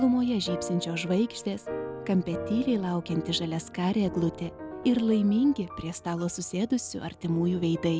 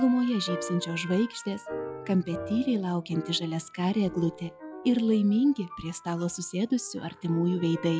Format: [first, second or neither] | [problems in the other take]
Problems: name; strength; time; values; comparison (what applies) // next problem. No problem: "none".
first | noise reduction (classical method log-MMSE)